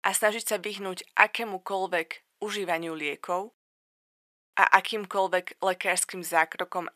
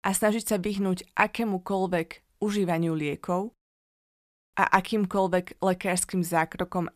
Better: second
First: thin; very; fading below 500 Hz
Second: none

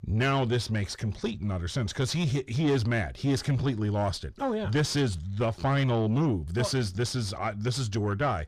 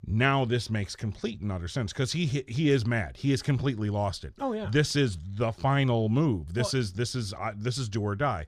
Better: second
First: distortion; slight; 9 dB below the speech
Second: none

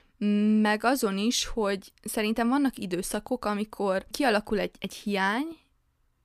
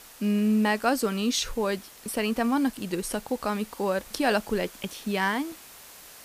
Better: first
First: none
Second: hiss; noticeable; throughout; 20 dB below the speech

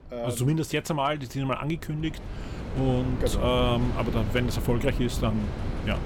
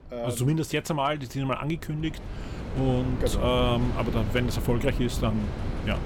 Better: neither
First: wind noise on the microphone; heavy; 9 dB below the speech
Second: wind noise on the microphone; heavy; 9 dB below the speech

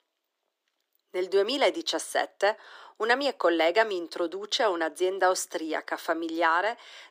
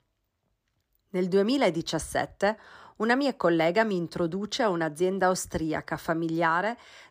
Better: second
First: thin; somewhat; fading below 350 Hz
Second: none

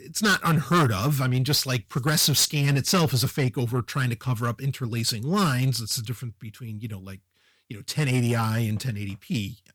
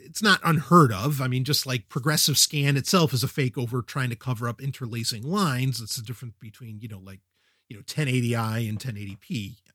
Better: second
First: distortion; heavy; 8 dB below the speech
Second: none

